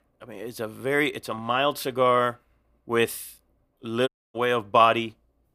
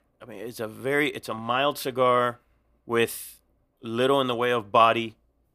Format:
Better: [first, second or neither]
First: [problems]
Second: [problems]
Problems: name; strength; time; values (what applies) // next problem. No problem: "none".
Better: second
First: audio cutting out; at 4 s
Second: none